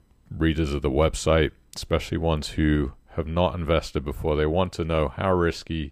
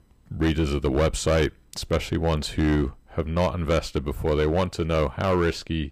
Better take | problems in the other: first | distortion; slight; 7% of the sound clipped

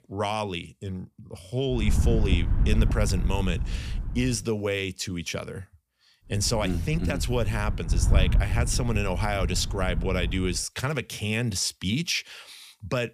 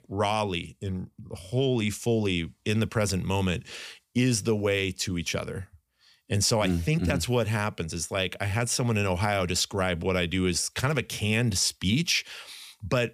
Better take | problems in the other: second | wind noise on the microphone; occasional gusts; from 2 to 4.5 s and from 6.5 to 11 s; 15 dB below the speech

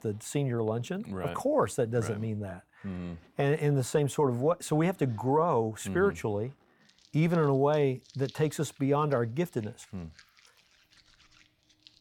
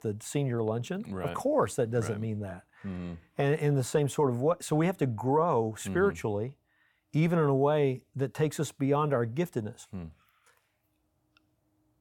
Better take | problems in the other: second | household noises; faint; throughout; 30 dB below the speech

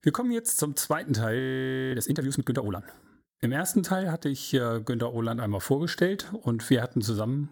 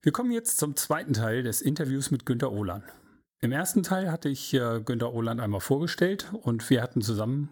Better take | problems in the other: second | audio freezing; at 1.5 s for 0.5 s

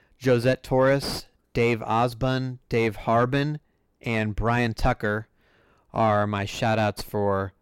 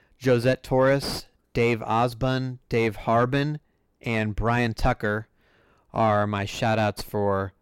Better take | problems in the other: neither | distortion; slight; 10 dB below the speech; the same in both

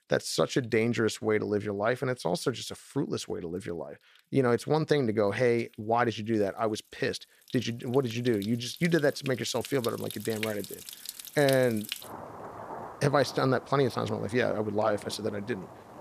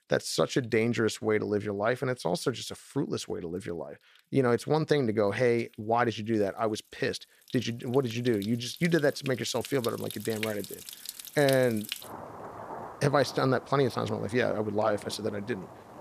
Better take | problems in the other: neither | rain or running water; noticeable; throughout; 15 dB below the speech; the same in both

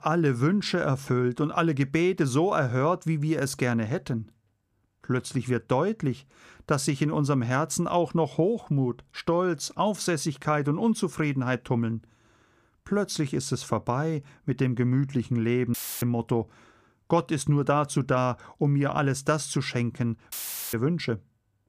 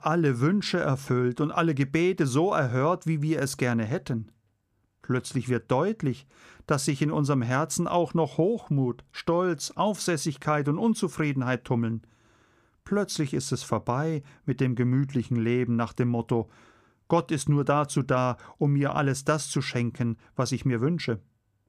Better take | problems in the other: second | audio cutting out; filled with static; at 16 s and at 20 s

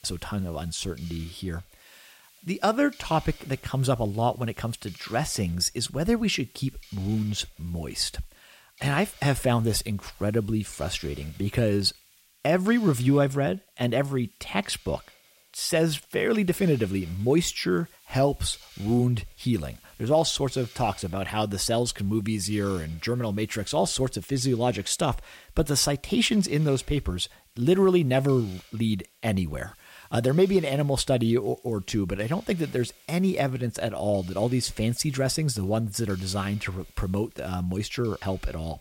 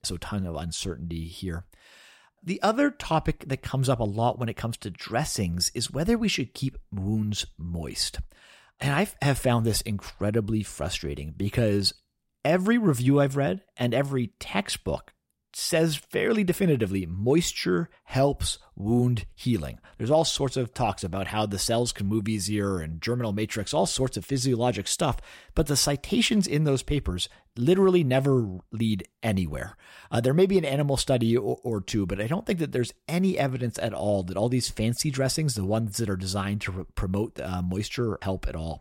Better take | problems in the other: second | hiss; faint; throughout; 25 dB below the speech

